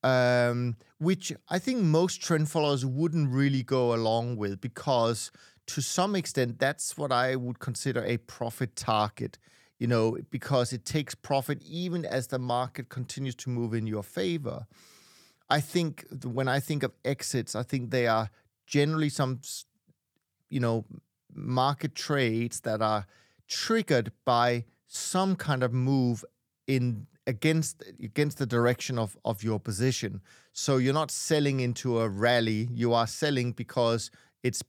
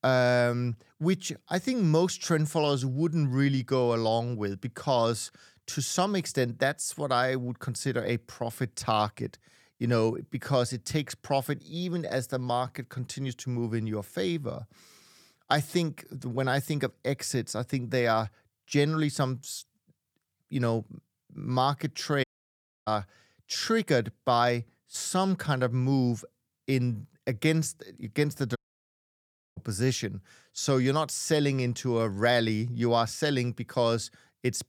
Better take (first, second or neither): first